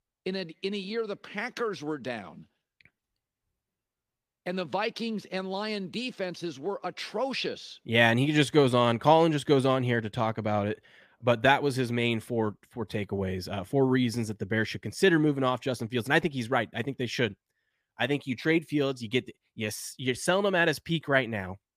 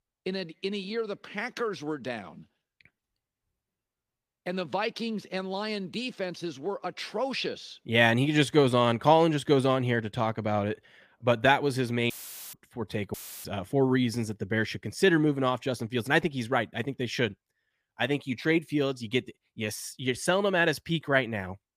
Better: first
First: none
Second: audio cutting out; filled with static; at 12 s and at 13 s

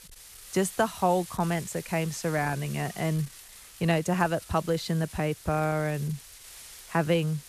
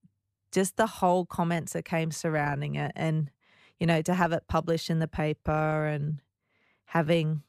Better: second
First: wind noise on the microphone; occasional gusts; 15 dB below the speech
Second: none

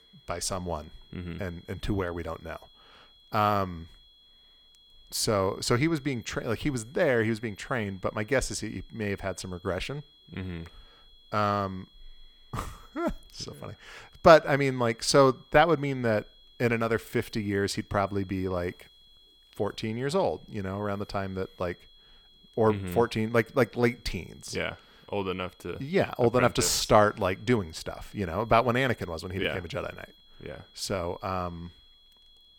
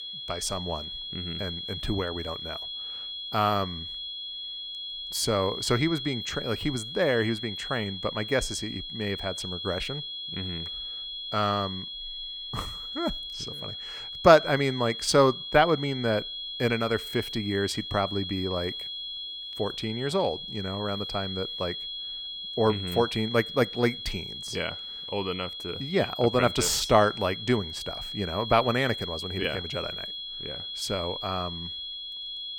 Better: first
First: high-pitched whine; faint; throughout; 3.5 kHz, 30 dB below the speech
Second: high-pitched whine; loud; throughout; 3.5 kHz, 6 dB below the speech

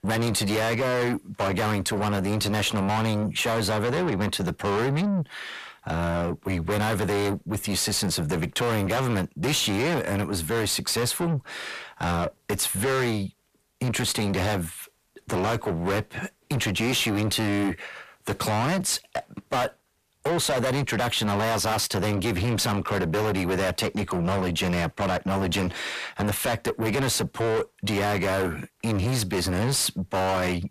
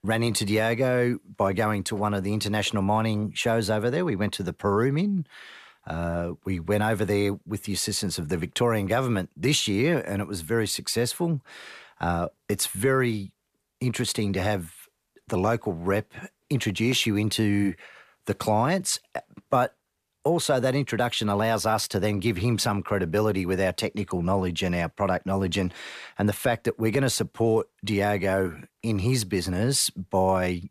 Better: second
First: distortion; heavy; 6 dB below the speech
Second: none

